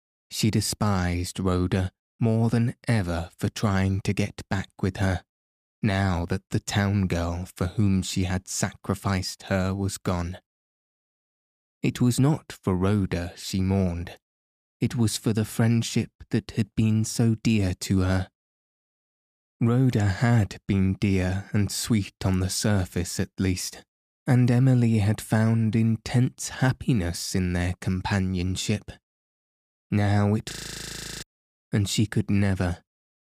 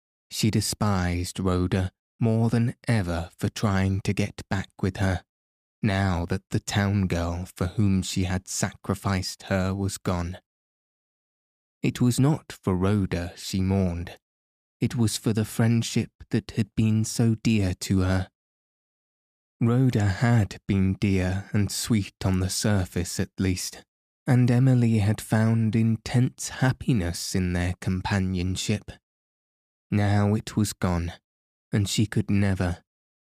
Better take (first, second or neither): second